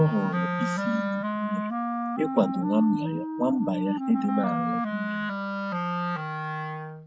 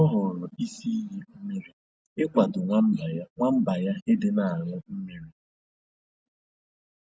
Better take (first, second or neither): second